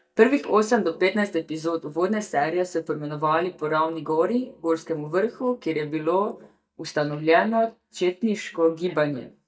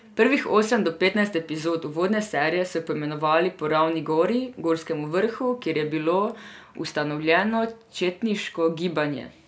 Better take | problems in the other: second | noise reduction (neural mask model DeepFilterNet 3)

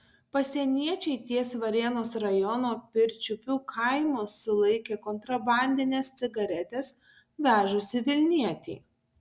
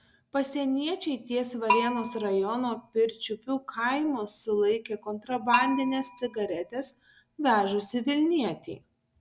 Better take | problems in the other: first | background sound (Bell); 6 dB below the speech

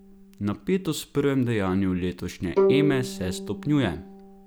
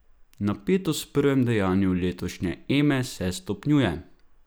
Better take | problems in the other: second | background sound (Bowed string instrument); 4 dB below the speech

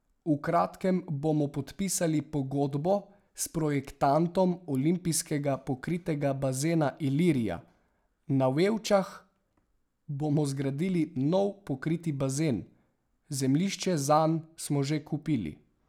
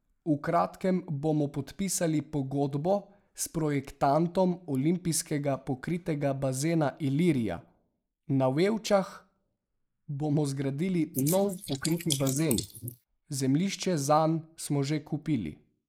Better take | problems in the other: first | noise reduction (neural mask model Resemble Enhance denoiser)

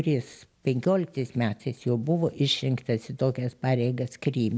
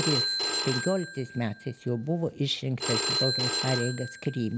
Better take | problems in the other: first | background sound (Telephone); 2 dB below the speech

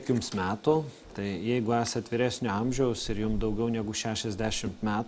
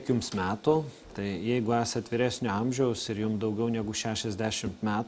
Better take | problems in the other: second | background sound (Chewing, mastication); 13 dB below the speech

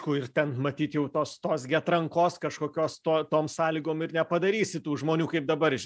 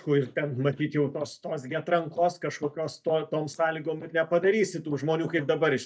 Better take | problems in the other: first | noise reduction (neural mask model DeepFilterNet 3)

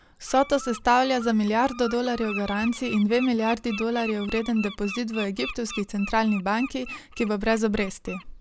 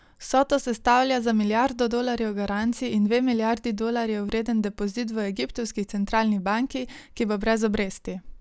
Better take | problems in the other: second | background sound (Bird); 14 dB below the speech

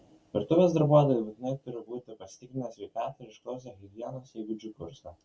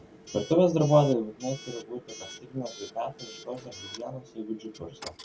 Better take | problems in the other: first | background sound (Coin (dropping) / Alarm); 17 dB below the speech

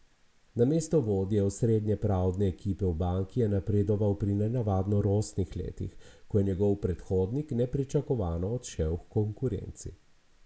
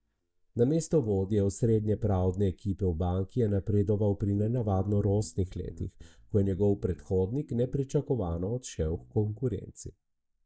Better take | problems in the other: first | noise reduction (neural mask model DeepFilterNet 3)

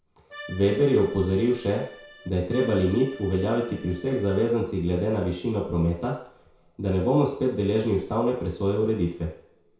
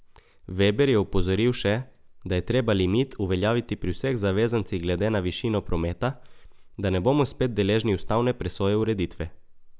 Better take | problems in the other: second | background sound (Accordion); 19 dB below the speech // room echo; dies away in 0.6 s

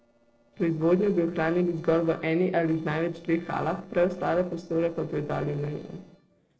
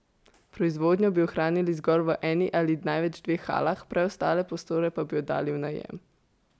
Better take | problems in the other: second | noise reduction (neural separator model SepFormer DNS4)

